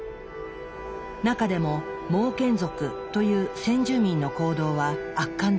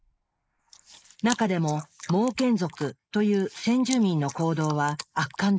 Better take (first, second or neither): first